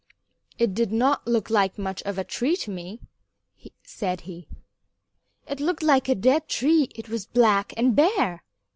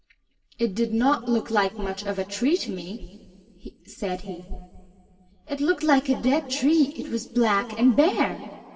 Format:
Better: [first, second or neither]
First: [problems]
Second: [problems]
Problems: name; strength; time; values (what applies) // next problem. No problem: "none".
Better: first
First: none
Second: room echo; dies away in 2.4 s